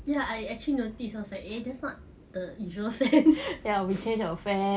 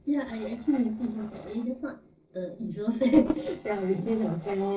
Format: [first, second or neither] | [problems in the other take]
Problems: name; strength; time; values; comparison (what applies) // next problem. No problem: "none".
first | noise reduction (neural separator model SepFormer DNS4)